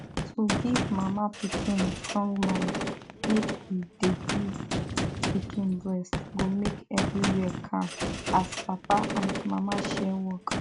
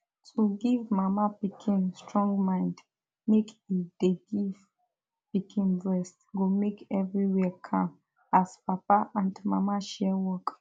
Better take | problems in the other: second | background sound (Gunshot, gunfire); 2 dB below the speech

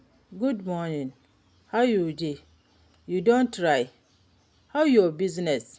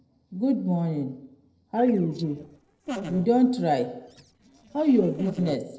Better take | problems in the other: first | noise reduction (neural separator model SepFormer DNS4)

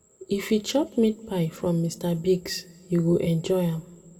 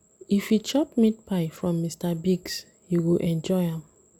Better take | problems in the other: second | room echo; dies away in 0.9 s

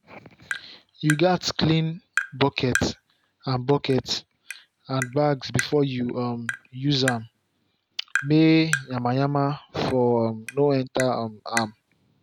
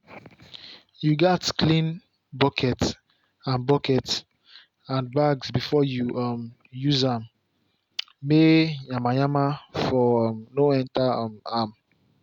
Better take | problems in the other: second | background sound (Tap); 11 dB below the speech

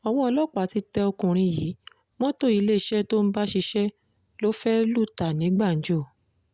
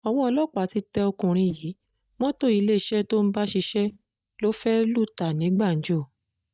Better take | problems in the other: first | noise reduction (neural mask model DeepFilterNet 3)

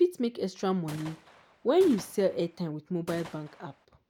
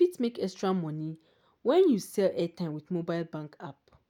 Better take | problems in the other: second | background sound (Gunshot, gunfire); 19 dB below the speech

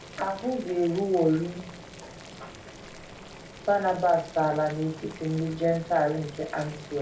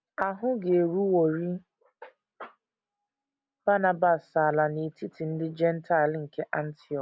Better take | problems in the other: second | background sound (Boiling); 16 dB below the speech // room echo; dies away in 0.4 s

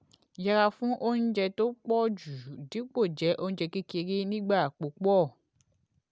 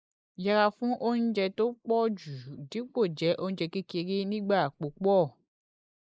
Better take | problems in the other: first | noise reduction (neural mask model Resemble Enhance denoiser)

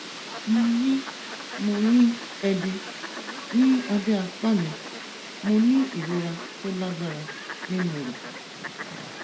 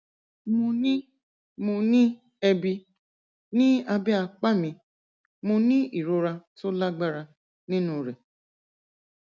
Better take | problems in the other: second | background sound (Fowl); 11 dB below the speech // room echo; dies away in 0.6 s

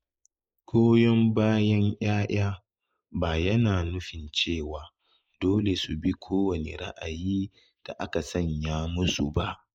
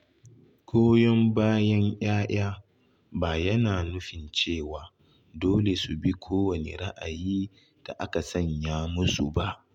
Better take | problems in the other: second | noise reduction (neural mask model Resemble Enhance denoiser)

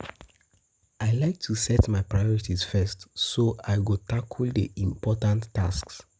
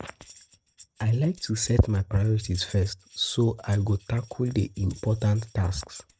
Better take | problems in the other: first | noise reduction (neural mask model RNNoise)

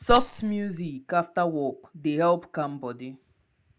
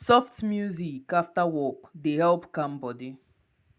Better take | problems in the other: second | background sound (Rattle); 4 dB below the speech

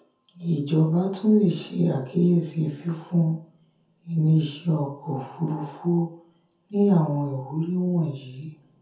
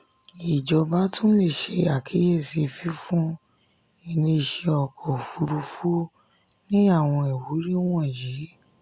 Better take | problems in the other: second | room echo; dies away in 0.5 s

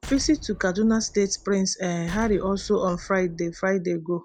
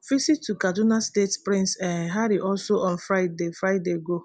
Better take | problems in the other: second | background sound (Explosion); 17 dB below the speech

